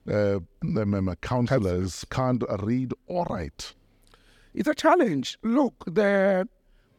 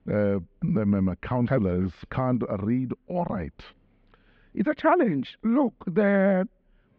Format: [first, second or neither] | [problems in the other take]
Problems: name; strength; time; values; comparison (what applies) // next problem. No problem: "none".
first | muffled; very; fading above 3 kHz